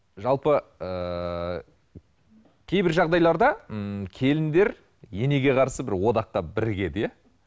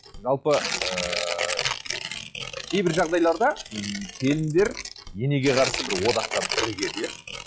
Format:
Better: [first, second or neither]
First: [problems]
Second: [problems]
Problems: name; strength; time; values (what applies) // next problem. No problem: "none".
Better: first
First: none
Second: noise reduction (classical method log-MMSE)